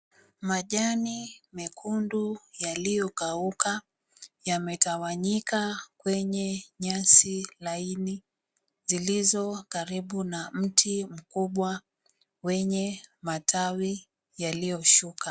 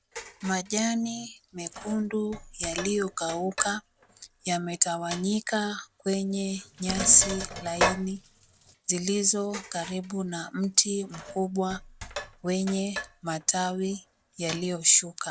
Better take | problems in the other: first | background sound (Sink (filling or washing)); 11 dB below the speech

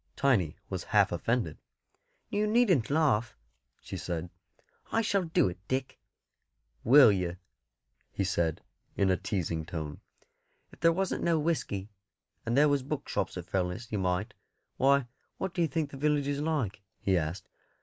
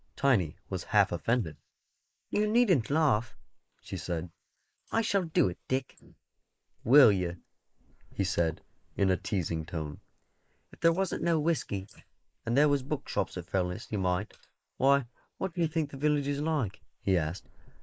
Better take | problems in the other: first | noise reduction (neural mask model Resemble Enhance denoiser)

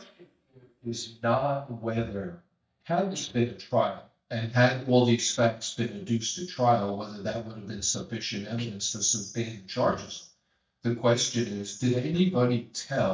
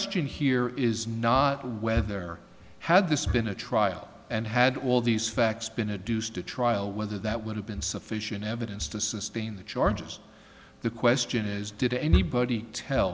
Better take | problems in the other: second | noise reduction (neural mask model DeepFilterNet 3)

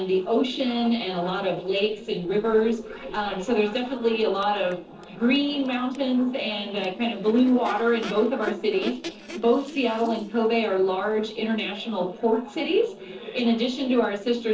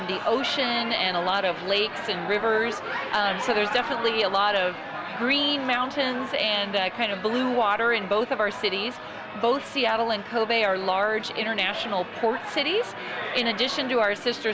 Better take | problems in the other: second | noise reduction (neural separator model SepFormer DNS4)

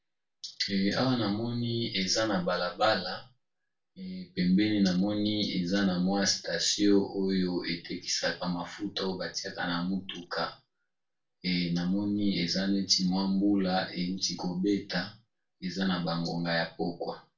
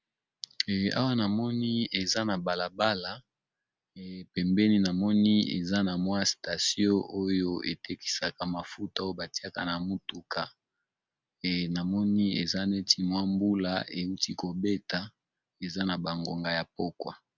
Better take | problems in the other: second | room echo; dies away in 0.2 s

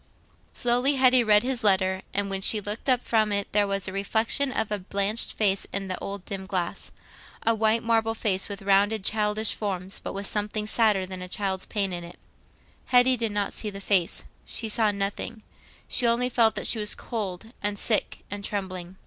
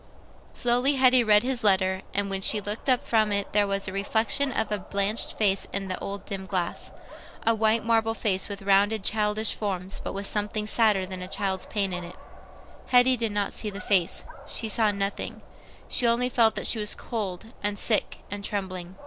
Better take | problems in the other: first | background sound (Dog); 14 dB below the speech

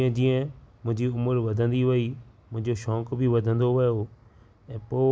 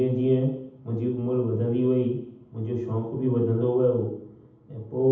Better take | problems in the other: first | room echo; dies away in 0.8 s

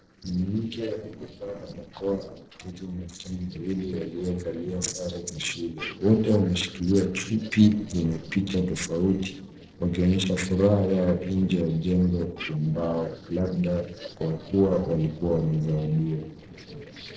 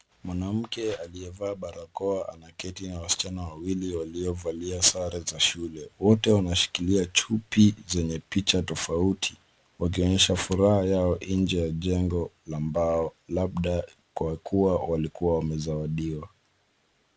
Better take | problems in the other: second | noise reduction (neural separator model SepFormer DNS4)

